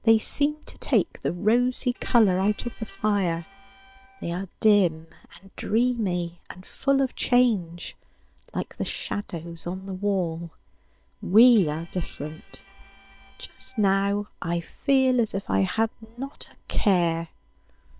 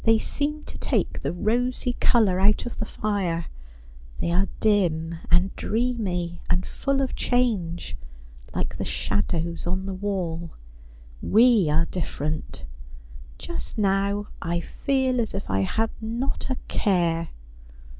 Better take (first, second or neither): second